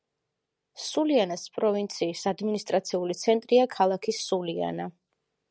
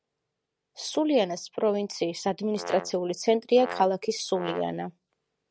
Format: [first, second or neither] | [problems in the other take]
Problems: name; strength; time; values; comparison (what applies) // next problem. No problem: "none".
first | background sound (Brass instrument); 12 dB below the speech